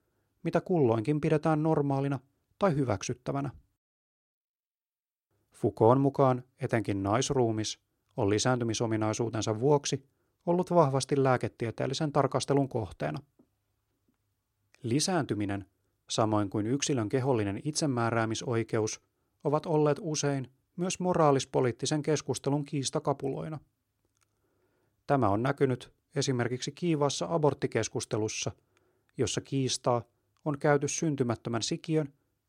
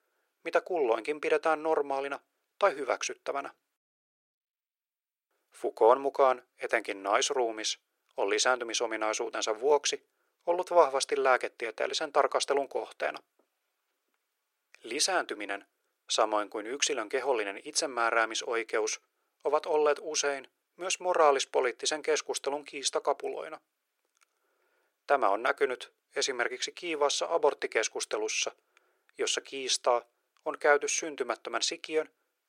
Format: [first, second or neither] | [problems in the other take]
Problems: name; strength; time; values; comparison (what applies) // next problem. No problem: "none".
first | thin; very; fading below 450 Hz